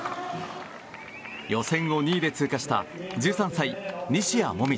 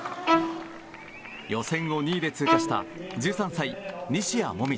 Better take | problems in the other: first | background sound (Bowed string instrument); 1 dB below the speech

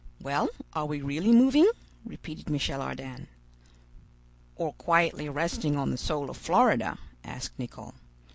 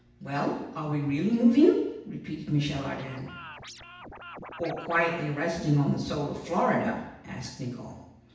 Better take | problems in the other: first | background sound (Scratching (performance technique)); 16 dB below the speech // room echo; dies away in 0.9 s

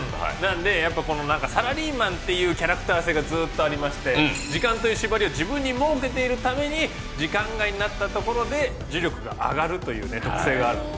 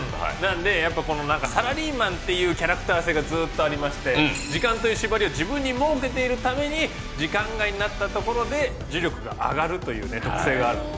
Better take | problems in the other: first | background sound (Cutlery, silverware); 16 dB below the speech

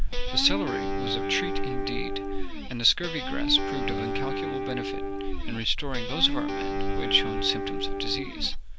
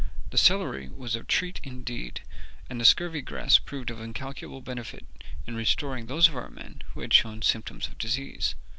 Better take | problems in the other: second | background sound (Guitar); 4 dB below the speech

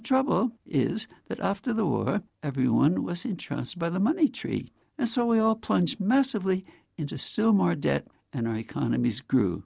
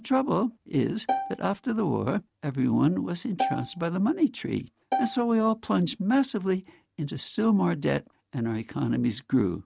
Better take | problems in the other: first | noise reduction (neural mask model RNNoise)

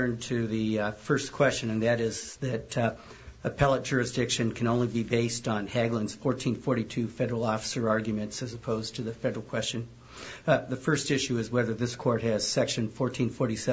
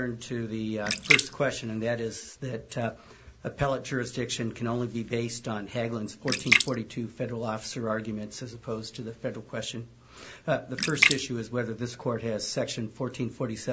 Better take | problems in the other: first | background sound (Splash, splatter); 1 dB above the speech

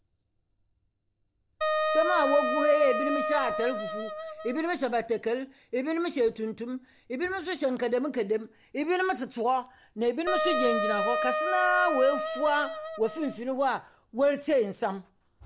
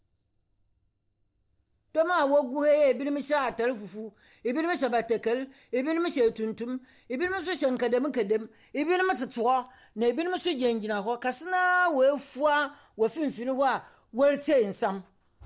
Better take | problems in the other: second | background sound (Wind instrument, woodwind instrument); as loud as the speech

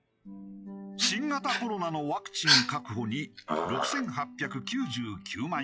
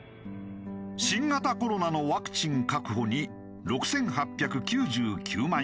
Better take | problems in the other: second | noise reduction (classical method log-MMSE)

